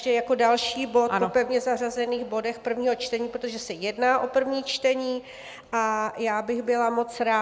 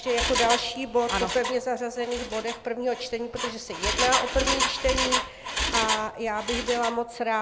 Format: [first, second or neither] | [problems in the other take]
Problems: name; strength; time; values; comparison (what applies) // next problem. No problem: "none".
first | background sound (Engine); 2 dB below the speech